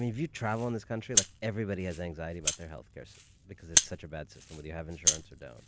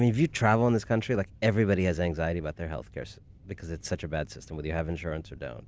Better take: second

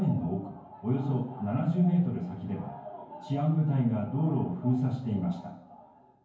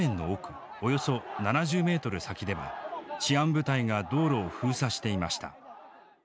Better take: second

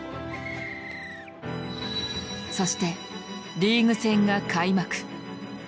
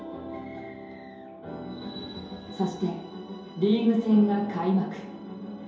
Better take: first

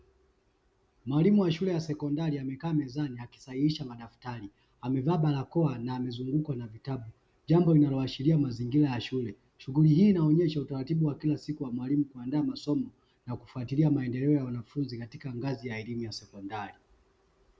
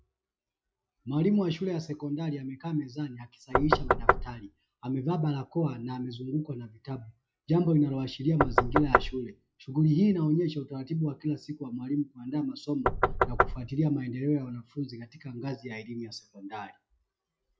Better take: first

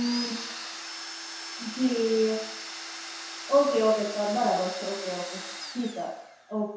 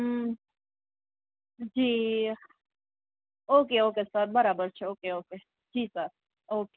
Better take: second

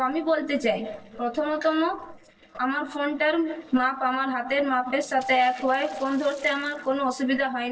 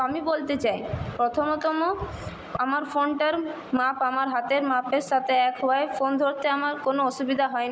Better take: second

